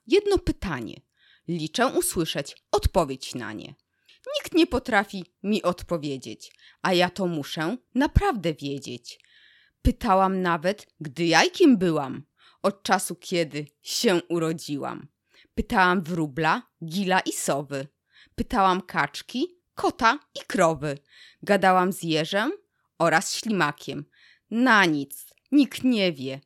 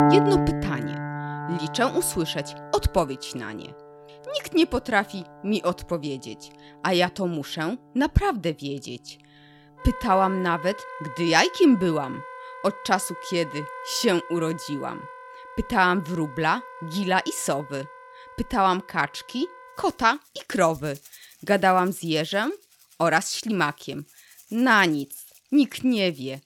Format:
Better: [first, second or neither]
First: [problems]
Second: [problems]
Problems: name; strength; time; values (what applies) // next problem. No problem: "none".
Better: first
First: none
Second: background music; loud; throughout; 10 dB below the speech